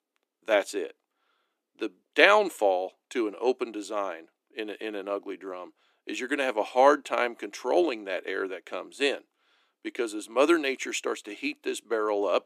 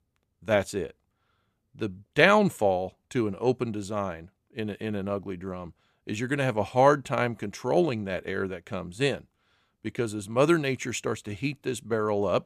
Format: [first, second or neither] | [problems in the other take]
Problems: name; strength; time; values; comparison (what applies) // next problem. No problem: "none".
second | thin; somewhat; fading below 300 Hz